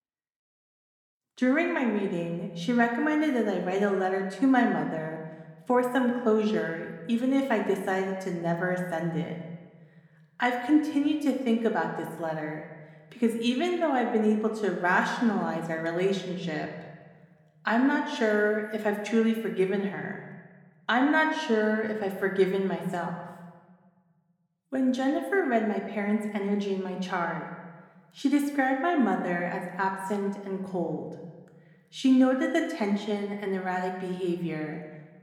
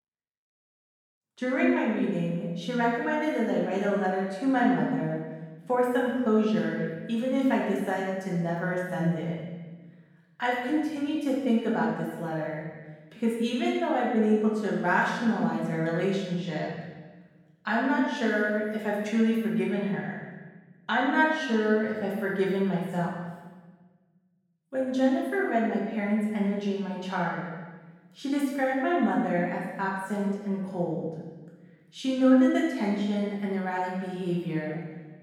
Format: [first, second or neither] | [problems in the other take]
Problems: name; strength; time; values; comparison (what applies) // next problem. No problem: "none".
first | room echo; strong; dies away in 1.2 s; slight in the first // off-mic speech; far